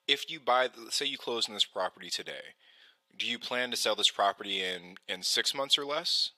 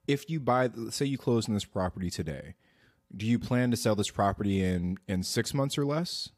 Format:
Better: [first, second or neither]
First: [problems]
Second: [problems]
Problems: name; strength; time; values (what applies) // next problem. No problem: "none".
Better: second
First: thin; very; fading below 650 Hz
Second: none